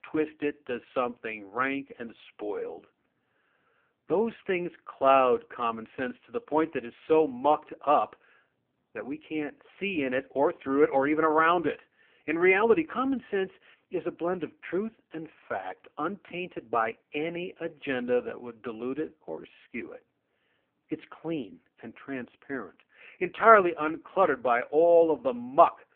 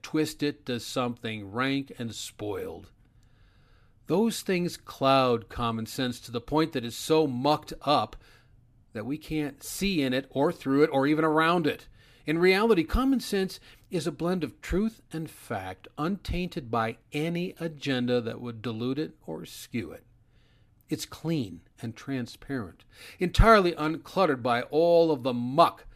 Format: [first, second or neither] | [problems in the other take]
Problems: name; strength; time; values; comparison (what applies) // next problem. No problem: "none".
second | phone-call audio; poor line